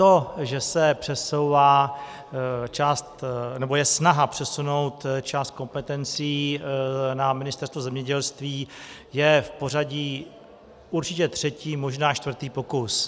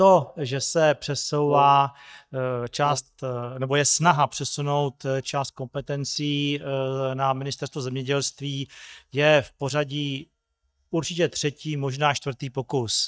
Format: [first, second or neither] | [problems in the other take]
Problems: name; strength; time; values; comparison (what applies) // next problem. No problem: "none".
first | noise reduction (neural mask model DeepFilterNet 3)